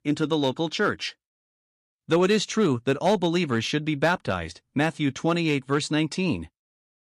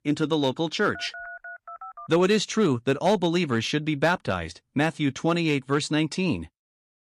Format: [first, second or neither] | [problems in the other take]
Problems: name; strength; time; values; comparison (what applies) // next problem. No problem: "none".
first | phone ringing; faint; from 1 to 2 s; peak 15 dB below the speech